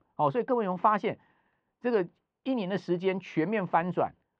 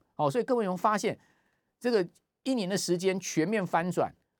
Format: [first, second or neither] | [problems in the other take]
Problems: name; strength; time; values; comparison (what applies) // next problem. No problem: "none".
second | muffled; very; fading above 3 kHz